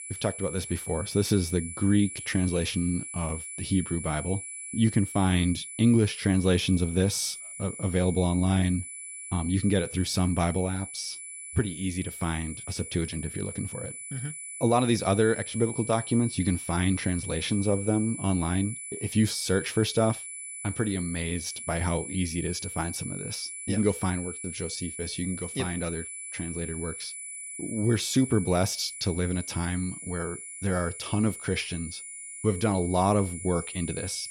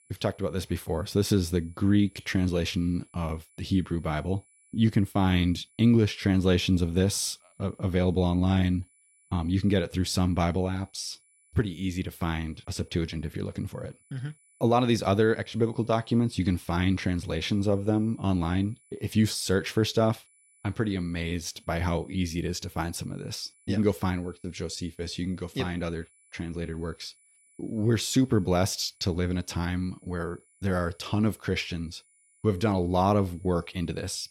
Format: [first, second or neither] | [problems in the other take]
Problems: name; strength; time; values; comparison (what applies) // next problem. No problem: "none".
second | high-pitched whine; loud; throughout; 10 kHz, 9 dB below the speech; faint in the second